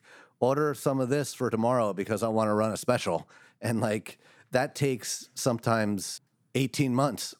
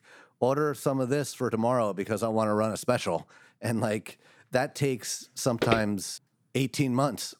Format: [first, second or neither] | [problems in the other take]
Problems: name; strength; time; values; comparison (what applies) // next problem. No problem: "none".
first | footsteps; noticeable; at 5.5 s; peak 1 dB below the speech